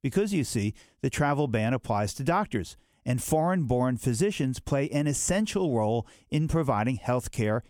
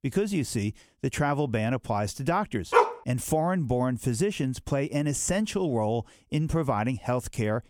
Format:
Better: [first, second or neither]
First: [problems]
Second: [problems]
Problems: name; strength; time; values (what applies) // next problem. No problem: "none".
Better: first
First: none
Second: dog barking; loud; at 2.5 s; peak 5 dB above the speech